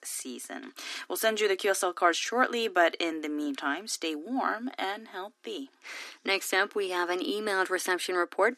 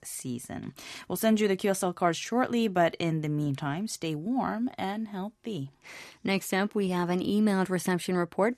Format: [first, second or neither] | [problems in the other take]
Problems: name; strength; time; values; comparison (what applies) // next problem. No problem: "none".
second | thin; somewhat; fading below 250 Hz